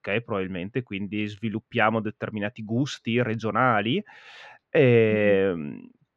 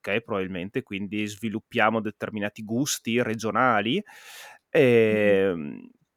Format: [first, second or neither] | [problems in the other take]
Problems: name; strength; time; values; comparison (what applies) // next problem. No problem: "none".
second | muffled; slightly; fading above 4 kHz